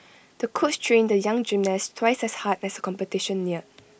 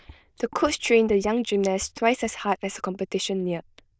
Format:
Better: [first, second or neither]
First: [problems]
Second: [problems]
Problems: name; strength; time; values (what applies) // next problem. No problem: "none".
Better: first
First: none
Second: noise reduction (neural diffusion model UNIVERSE++)